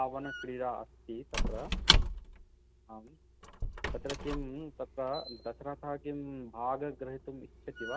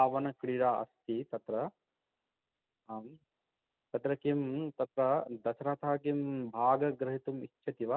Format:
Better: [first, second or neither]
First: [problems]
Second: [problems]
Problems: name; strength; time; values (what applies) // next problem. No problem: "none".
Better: second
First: background sound (Squeak / Wood); 4 dB above the speech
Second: none